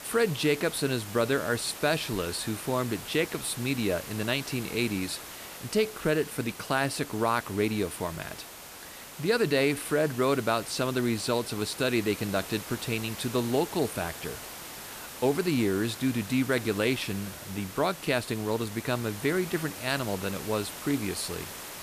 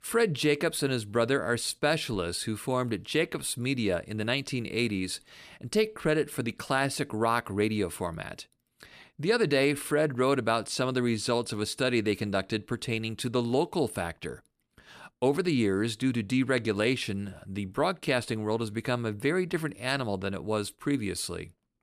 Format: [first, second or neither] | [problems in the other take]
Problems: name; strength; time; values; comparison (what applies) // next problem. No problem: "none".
second | hiss; noticeable; throughout; 10 dB below the speech